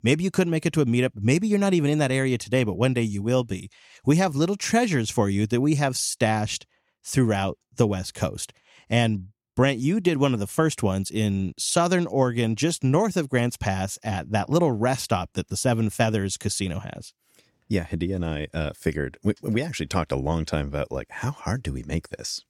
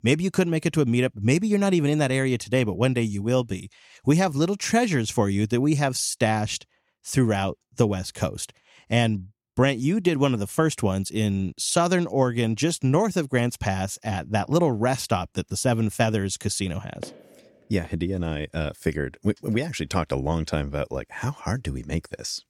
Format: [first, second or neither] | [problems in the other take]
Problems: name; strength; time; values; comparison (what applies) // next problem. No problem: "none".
first | footsteps; faint; at 17 s; peak 15 dB below the speech